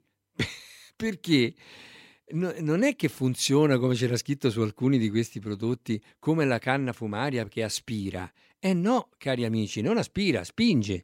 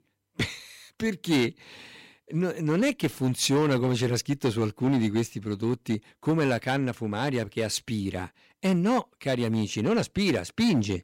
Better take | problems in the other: first | distortion; slight; 6% of the sound clipped

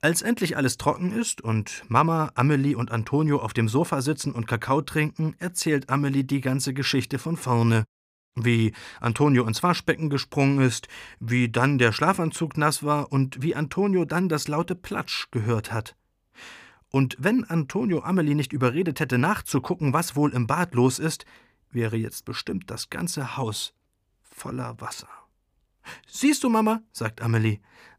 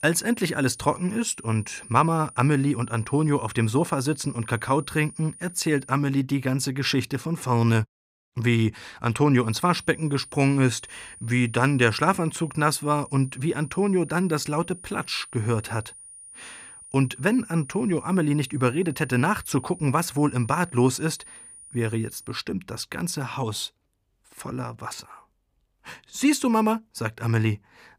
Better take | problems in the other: first | high-pitched whine; noticeable; until 6 s and from 9.5 to 22 s; 9.5 kHz, 20 dB below the speech

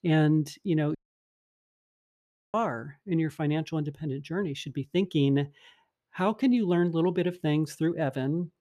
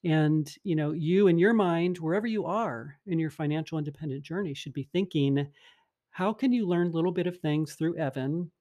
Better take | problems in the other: second | audio cutting out; at 1 s for 1.5 s

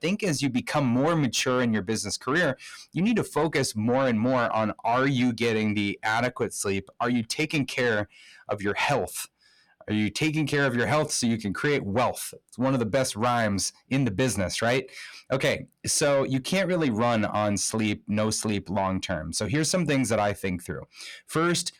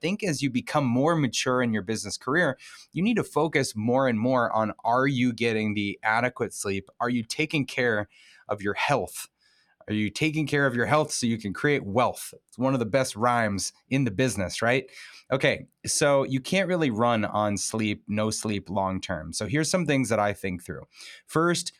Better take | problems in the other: second | distortion; slight; 10 dB below the speech

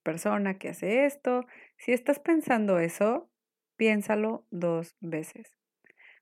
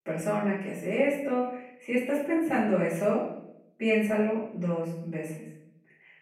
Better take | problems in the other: first | room echo; noticeable; dies away in 0.8 s // off-mic speech; far

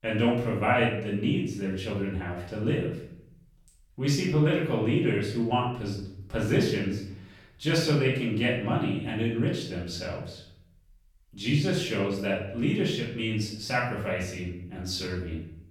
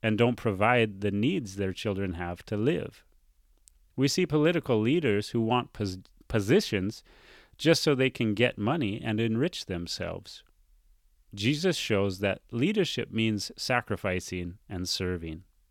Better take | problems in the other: second | room echo; noticeable; dies away in 0.6 s // off-mic speech; far

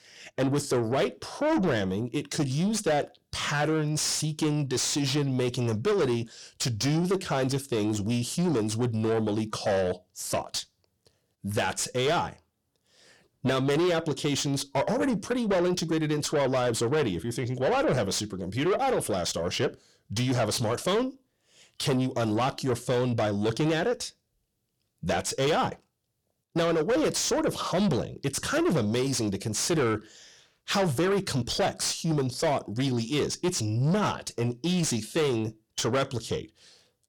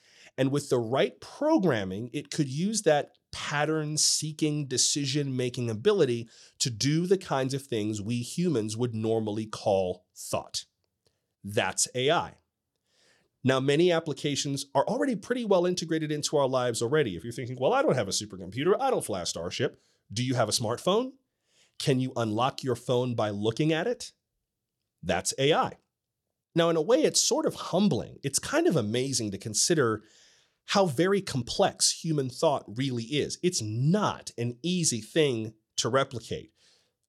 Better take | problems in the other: second | distortion; heavy; 7 dB below the speech

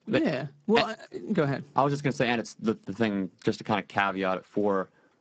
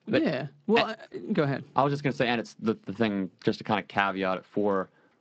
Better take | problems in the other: second | garbled, watery; badly; nothing above 8 kHz; slightly in the second

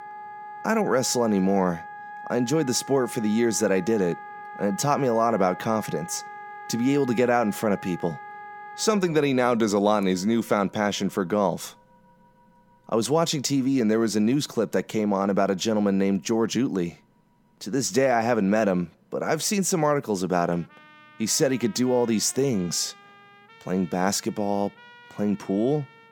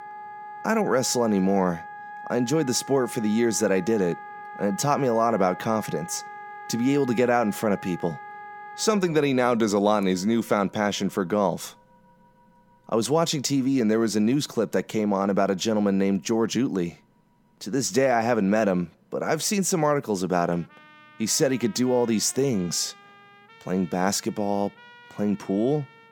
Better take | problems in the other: neither | background music; noticeable; throughout; 15 dB below the speech; the same in both

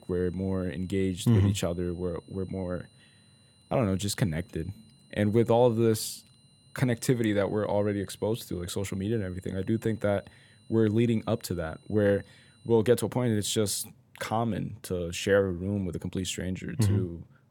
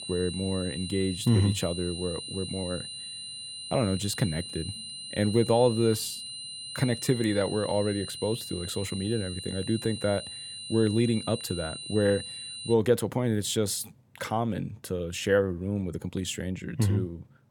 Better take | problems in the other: first | high-pitched whine; loud; until 13 s; 4 kHz, 8 dB below the speech; faint in the first

